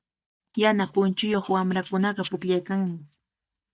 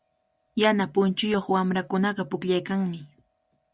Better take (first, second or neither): second